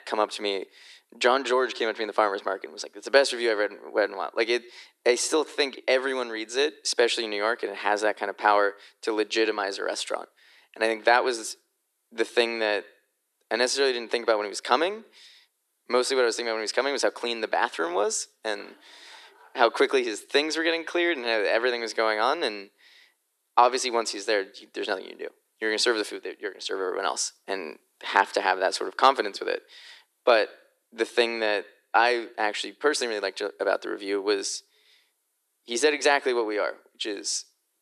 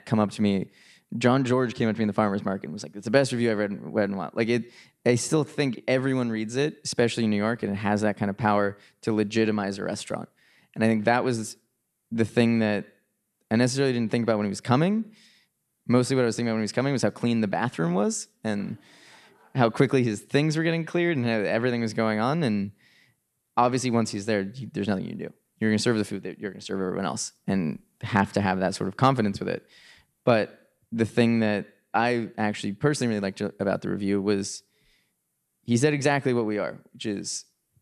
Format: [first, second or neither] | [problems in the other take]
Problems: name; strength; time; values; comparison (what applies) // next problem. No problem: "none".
second | thin; very; fading below 350 Hz